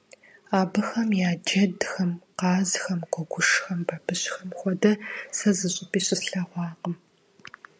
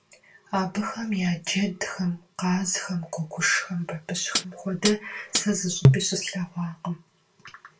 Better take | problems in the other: first | background sound (Hi-hat); 4 dB above the speech // room echo; dies away in 0.2 s

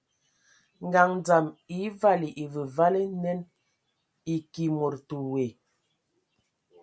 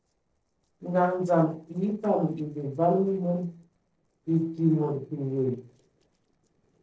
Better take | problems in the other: first | noise reduction (neural separator model SepFormer DNS4)

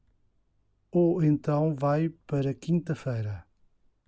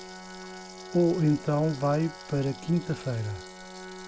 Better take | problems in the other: first | background sound (Sink (filling or washing) / Water tap, faucet + Organ); 14 dB below the speech

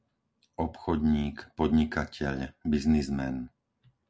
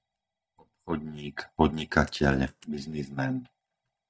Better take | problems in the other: first | noise reduction (neural mask model DeepFilterNet 3)

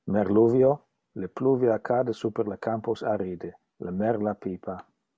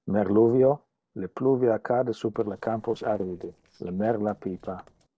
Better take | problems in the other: first | noise reduction (neural separator model SepFormer DNS4)

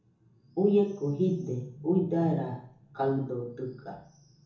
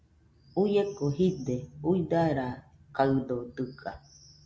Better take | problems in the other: second | room echo; dies away in 0.7 s

